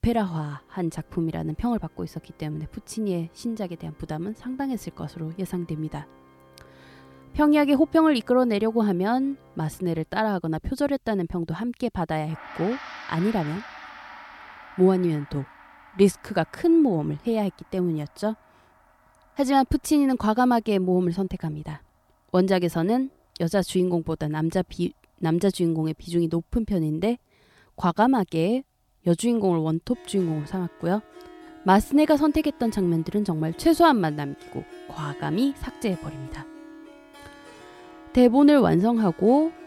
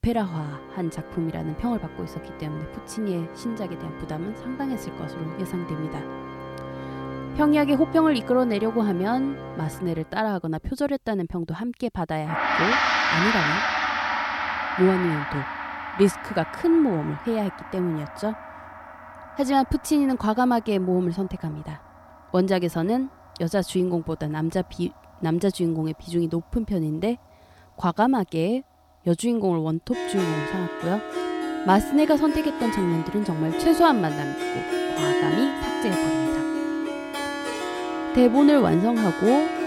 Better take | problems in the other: first | background music; loud; throughout; 4 dB below the speech; faint in the first

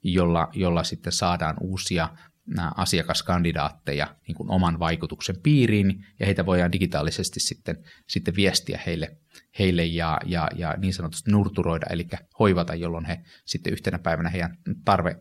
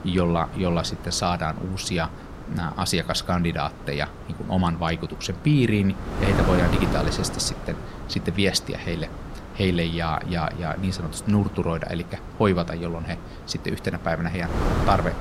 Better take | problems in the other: first | wind noise on the microphone; heavy; 9 dB below the speech

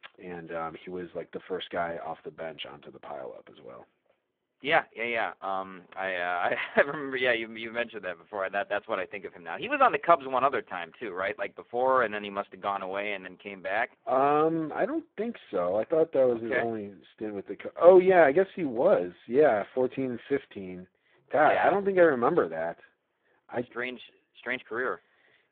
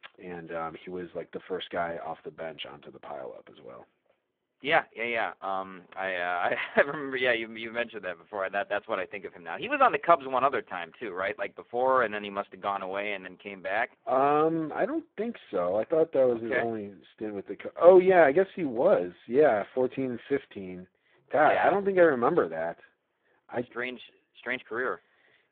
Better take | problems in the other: neither | phone-call audio; poor line; the same in both

